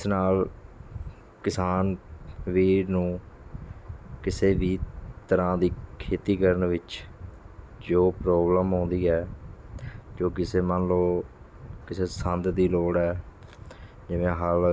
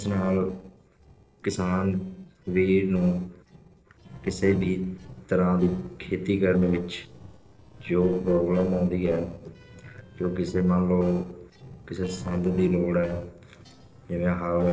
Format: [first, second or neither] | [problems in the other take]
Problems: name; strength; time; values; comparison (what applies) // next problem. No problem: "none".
first | noise reduction (neural separator model SepFormer DNS4)